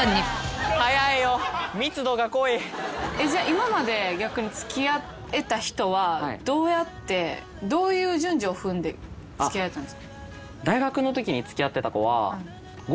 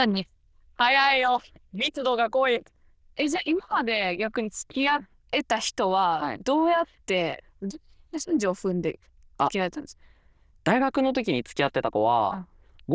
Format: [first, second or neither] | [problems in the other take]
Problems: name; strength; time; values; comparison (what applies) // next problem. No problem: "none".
first | noise reduction (neural diffusion model UNIVERSE++)